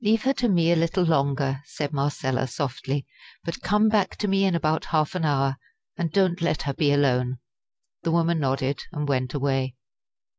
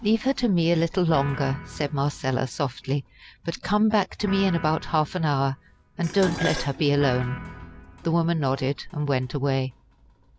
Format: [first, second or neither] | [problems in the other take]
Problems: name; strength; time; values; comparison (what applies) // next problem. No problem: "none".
first | background sound (Guitar + Dishes, pots, and pans); 14 dB below the speech